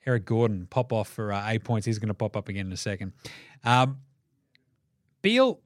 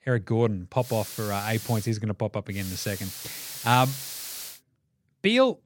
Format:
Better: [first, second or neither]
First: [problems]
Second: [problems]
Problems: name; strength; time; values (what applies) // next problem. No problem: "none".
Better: first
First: none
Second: hiss; loud; from 1 to 2 s and from 2.5 to 4.5 s; 9 dB below the speech